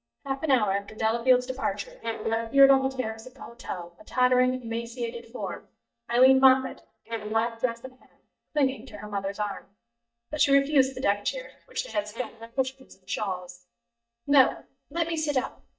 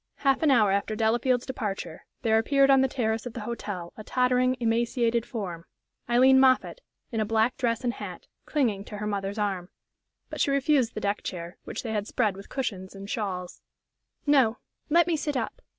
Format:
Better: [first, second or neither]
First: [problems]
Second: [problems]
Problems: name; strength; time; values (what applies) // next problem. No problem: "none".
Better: second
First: noise reduction (neural mask model DeepFilterNet 3)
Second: none